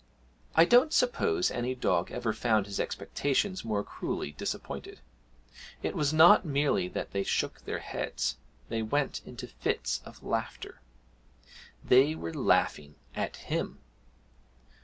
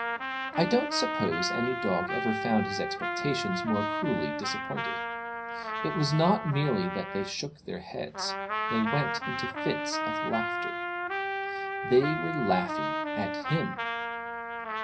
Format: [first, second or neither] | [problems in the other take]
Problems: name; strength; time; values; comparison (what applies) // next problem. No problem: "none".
first | background sound (Trumpet); 2 dB below the speech // room echo; dies away in 0.4 s